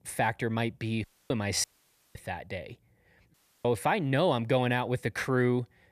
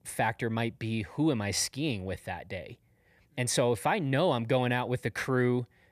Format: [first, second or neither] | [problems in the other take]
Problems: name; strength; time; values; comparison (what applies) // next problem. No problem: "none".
second | audio cutting out; at 1 s, at 1.5 s for 0.5 s and at 3.5 s